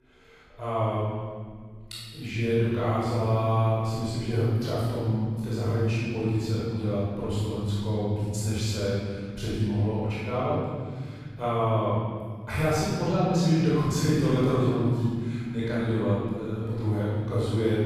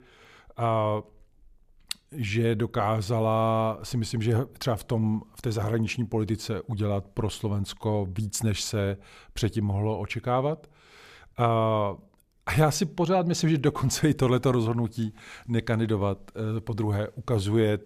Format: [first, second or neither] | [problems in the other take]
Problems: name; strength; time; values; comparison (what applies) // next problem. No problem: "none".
second | off-mic speech; far // room echo; strong; dies away in 2 s